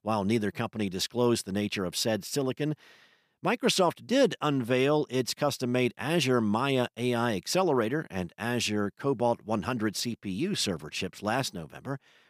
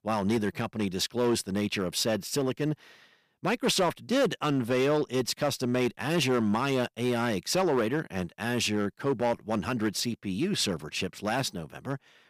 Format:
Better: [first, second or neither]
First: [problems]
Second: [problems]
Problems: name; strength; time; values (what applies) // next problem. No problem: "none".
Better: first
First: none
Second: distortion; slight; 5% of the sound clipped